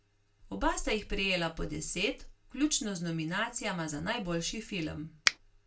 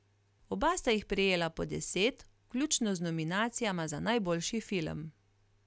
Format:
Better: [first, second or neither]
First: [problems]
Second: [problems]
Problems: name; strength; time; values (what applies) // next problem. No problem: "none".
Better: second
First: background sound (Finger snapping); 4 dB above the speech // room echo; dies away in 0.2 s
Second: none